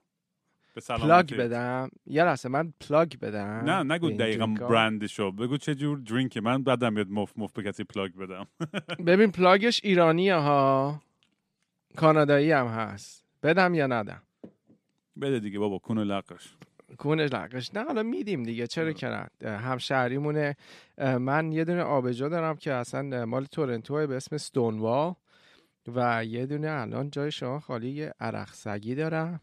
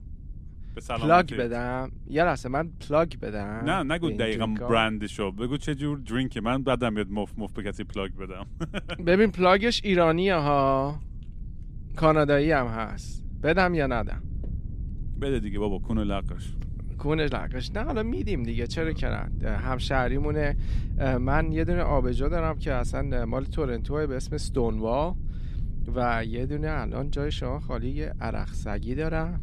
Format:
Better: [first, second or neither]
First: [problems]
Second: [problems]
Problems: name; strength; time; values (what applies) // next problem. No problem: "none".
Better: first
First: none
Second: low rumble; faint; throughout; 25 dB below the speech